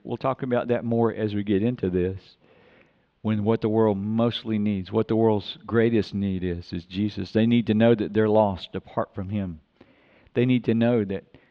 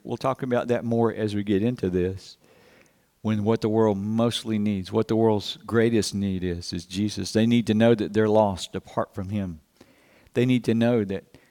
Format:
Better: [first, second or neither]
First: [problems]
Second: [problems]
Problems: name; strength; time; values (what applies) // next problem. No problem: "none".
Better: second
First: muffled; slightly; fading above 3.5 kHz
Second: none